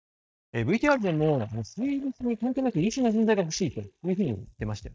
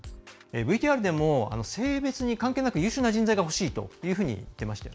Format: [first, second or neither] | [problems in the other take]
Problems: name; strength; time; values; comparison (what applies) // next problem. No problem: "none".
second | noise reduction (neural mask model DeepFilterNet 3)